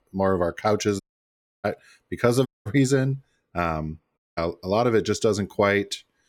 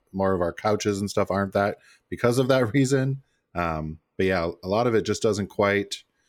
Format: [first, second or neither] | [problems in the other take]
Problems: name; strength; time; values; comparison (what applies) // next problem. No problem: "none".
second | audio cutting out; at 1 s for 0.5 s, at 2.5 s and at 4 s